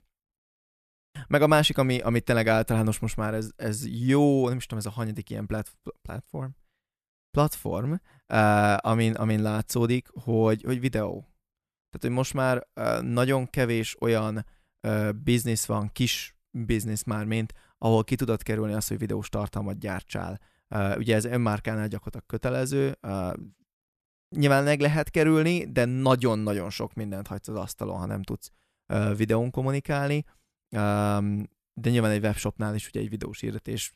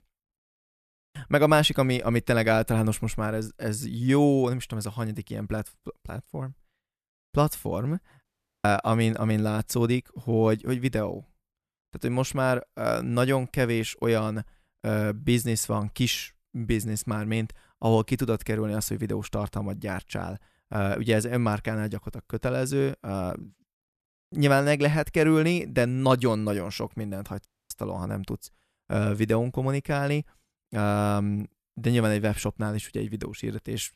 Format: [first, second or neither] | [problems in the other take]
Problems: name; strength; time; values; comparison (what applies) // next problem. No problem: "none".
first | audio cutting out; at 8.5 s and at 27 s